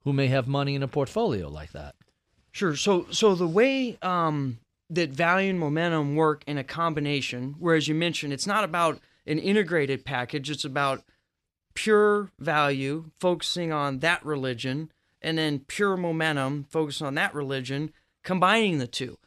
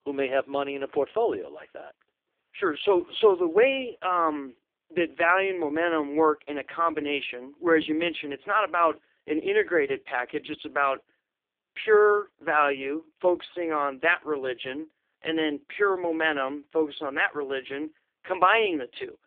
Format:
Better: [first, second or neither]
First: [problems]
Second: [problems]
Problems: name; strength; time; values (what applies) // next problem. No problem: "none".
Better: first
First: none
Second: phone-call audio; poor line; nothing above 3.5 kHz